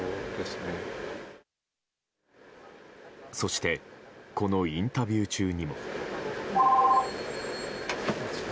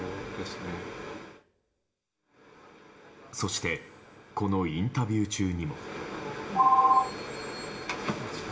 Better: first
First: none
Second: room echo; dies away in 0.5 s

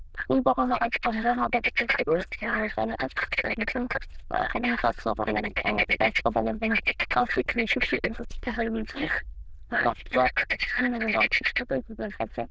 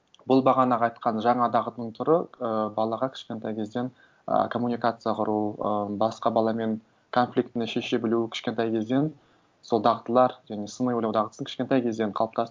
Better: second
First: noise reduction (neural diffusion model UNIVERSE++)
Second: none

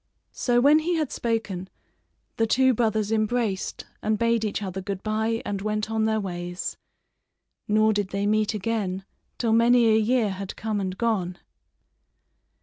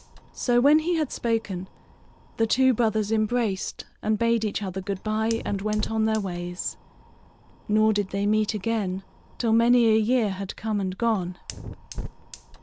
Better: first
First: none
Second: background sound (Fire); 16 dB below the speech

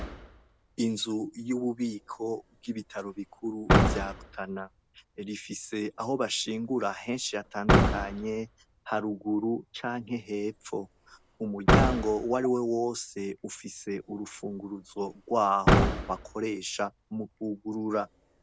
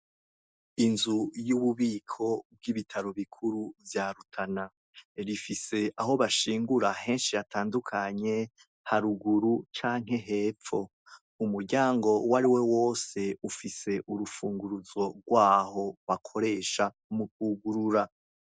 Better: second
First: background sound (Slam / Car); 1 dB above the speech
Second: none

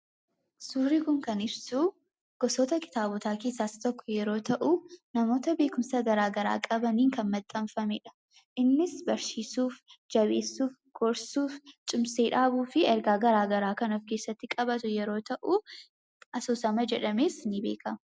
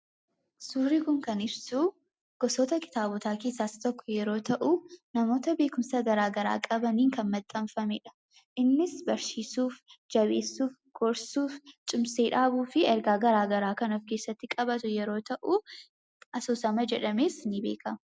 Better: second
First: background sound (Bowed string instrument); 20 dB below the speech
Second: none

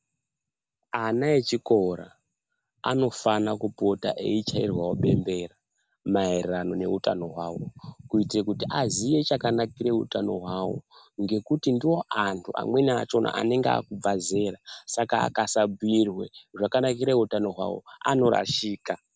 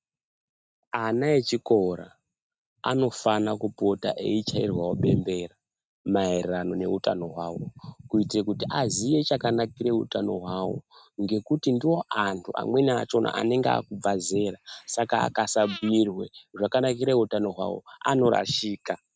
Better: first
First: none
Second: noise reduction (neural mask model RNNoise)

